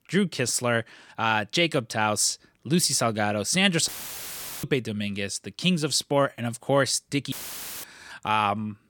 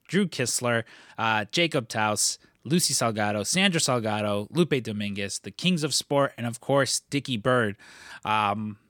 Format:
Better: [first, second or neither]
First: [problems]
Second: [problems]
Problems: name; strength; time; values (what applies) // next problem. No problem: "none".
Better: second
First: audio cutting out; filled with static; at 4 s for 1 s and at 7.5 s for 0.5 s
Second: none